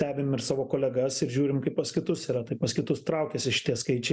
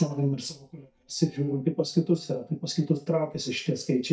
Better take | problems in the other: first | noise reduction (neural mask model DeepFilterNet 3)

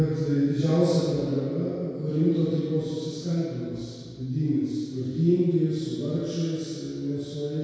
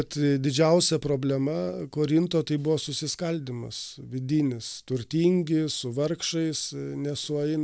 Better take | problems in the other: second | room echo; dies away in 2 s

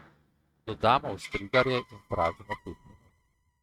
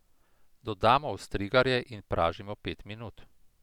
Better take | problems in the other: second | noise reduction (neural mask model RNNoise)

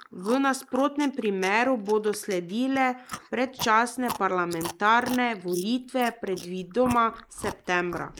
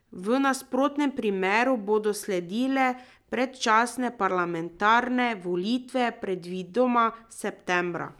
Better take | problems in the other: second | noise reduction (neural mask model Resemble Enhance denoiser)

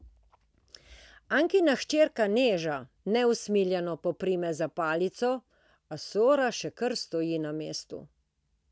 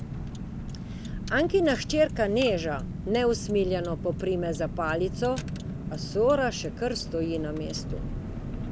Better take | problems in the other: first | background sound (Car); 6 dB below the speech

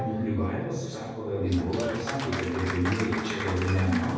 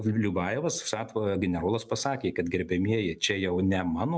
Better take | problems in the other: second | background sound (Applause); 8 dB below the speech // room echo; dies away in 1.3 s

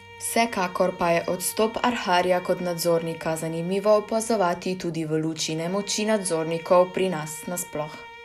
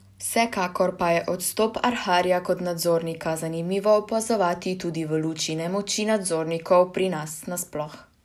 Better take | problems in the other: second | background sound (Bowed string instrument); 19 dB below the speech

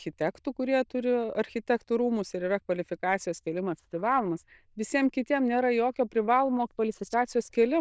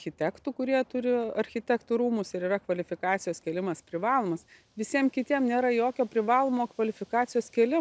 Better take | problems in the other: second | noise reduction (neural diffusion model UNIVERSE++)

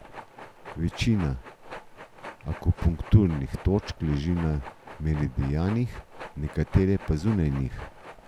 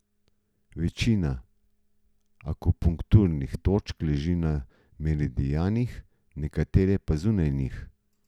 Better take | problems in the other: second | background sound (Train); 17 dB below the speech

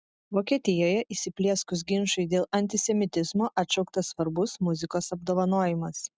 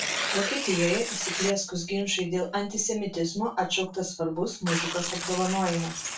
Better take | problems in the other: first | background sound (Tearing); 6 dB below the speech // room echo; dies away in 0.2 s

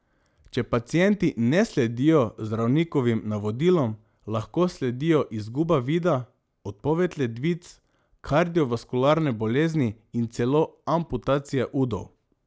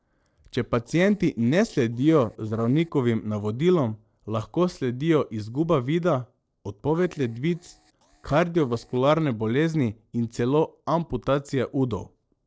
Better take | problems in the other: first | noise reduction (neural separator model SepFormer DNS4)

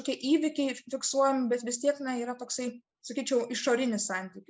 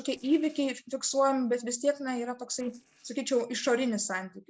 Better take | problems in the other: first | noise reduction (neural separator model SepFormer DNS4)

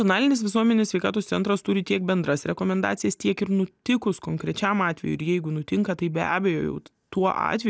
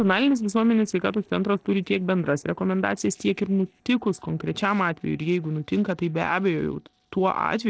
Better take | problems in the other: first | noise reduction (neural separator model SepFormer DNS4)

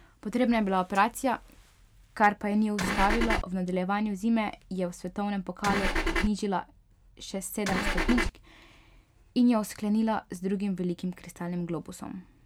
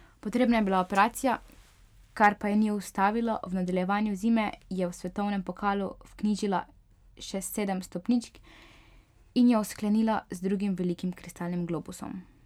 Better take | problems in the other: second | background sound (Engine / Car); 2 dB above the speech

